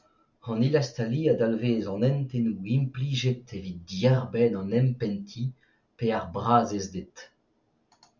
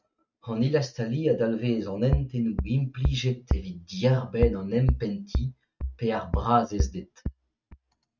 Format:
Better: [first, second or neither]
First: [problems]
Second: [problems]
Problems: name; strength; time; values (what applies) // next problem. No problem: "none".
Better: first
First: none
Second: noise reduction (neural mask model RNNoise)